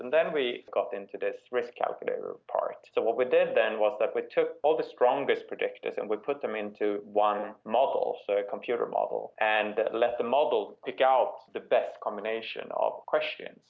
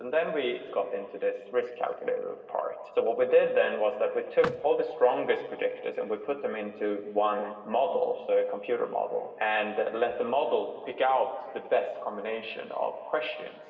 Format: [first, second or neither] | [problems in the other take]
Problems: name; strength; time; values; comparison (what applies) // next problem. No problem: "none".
first | background sound (Vehicle); 12 dB below the speech // room echo; dies away in 2.6 s